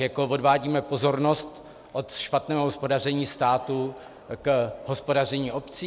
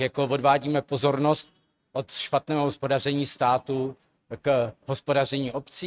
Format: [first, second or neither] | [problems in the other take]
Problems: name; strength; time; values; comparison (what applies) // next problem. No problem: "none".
first | noise reduction (neural mask model RNNoise)